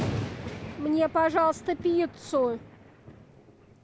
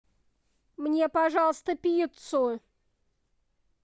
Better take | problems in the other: second | background sound (Thunder); 9 dB below the speech

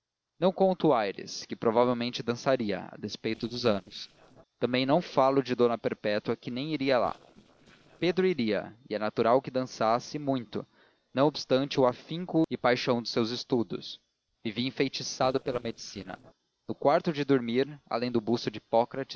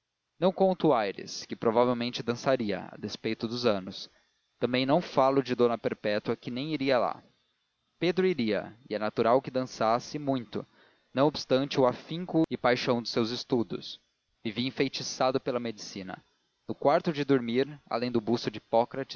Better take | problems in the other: second | noise reduction (neural separator model SepFormer DNS4)

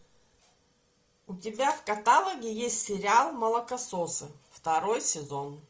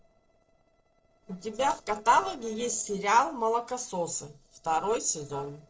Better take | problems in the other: first | noise reduction (neural separator model SepFormer DNS4)

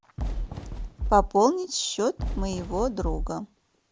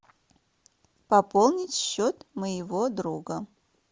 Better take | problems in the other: second | background sound (Fireworks); 4 dB below the speech

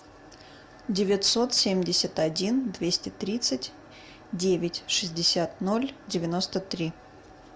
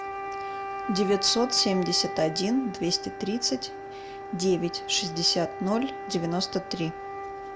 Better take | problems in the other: first | background sound (Wind instrument, woodwind instrument); 8 dB below the speech

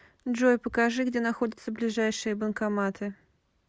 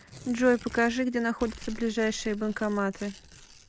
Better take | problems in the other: first | background sound (Tearing); 17 dB below the speech

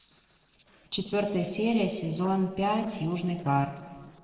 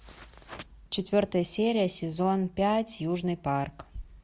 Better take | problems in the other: second | noise reduction (neural separator model SepFormer DNS4)

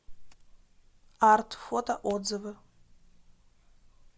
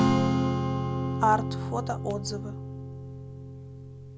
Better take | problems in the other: first | background sound (Strum); 4 dB above the speech

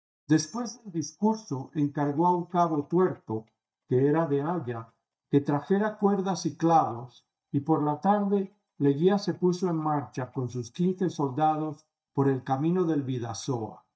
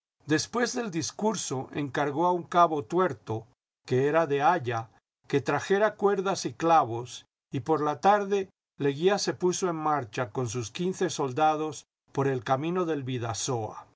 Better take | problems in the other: second | noise reduction (neural mask model DeepFilterNet 3)

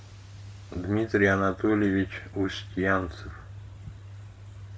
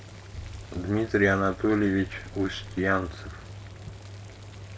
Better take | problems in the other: first | background sound (Explosion + Boiling); 18 dB below the speech

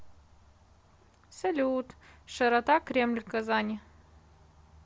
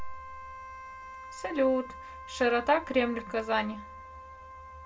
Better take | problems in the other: first | background sound (Wind instrument, woodwind instrument); 14 dB below the speech // room echo; dies away in 0.2 s

